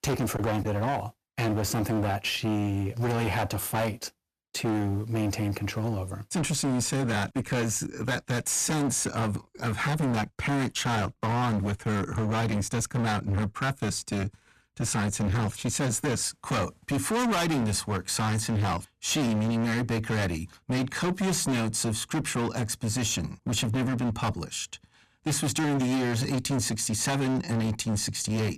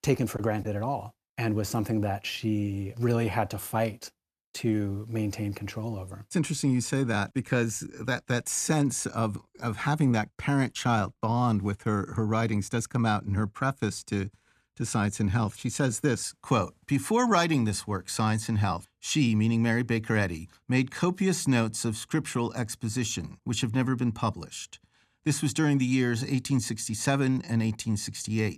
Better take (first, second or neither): second